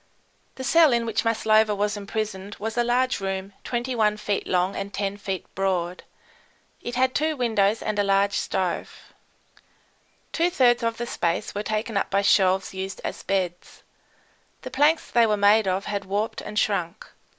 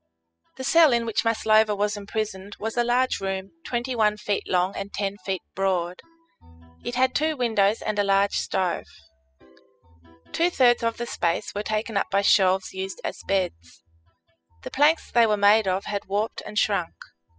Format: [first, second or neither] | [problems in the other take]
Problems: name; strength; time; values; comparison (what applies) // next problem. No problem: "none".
first | noise reduction (classical method spectral subtraction)